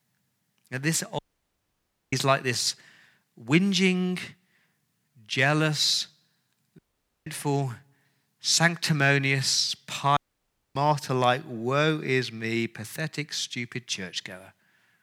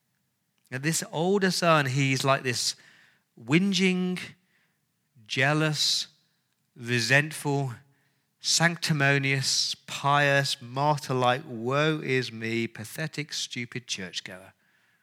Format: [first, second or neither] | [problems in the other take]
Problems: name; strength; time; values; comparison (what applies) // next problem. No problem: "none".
second | audio cutting out; at 1 s for 1 s, at 7 s and at 10 s for 0.5 s